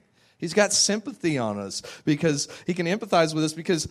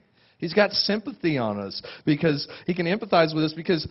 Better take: first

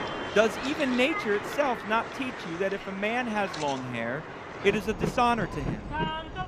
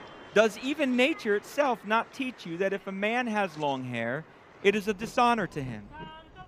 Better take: second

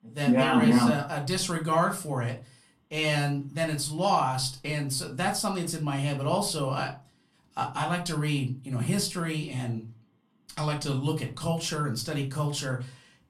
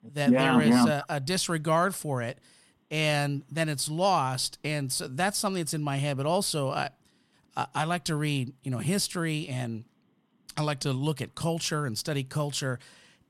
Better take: second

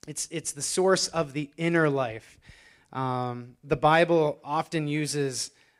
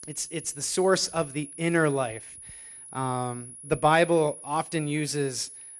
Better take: first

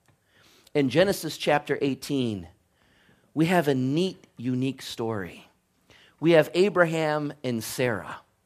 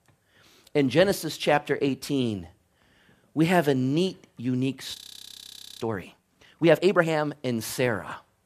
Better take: first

